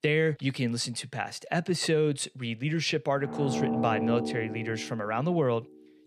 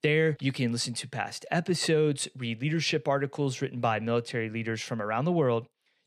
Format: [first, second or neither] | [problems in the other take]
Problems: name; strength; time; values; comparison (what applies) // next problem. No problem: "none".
second | background music; loud; from 3.5 s on; 3 dB below the speech